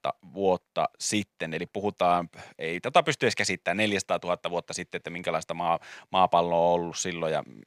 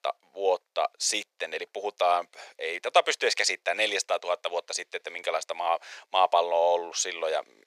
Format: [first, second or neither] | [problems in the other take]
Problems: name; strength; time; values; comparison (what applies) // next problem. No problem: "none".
first | thin; very; fading below 450 Hz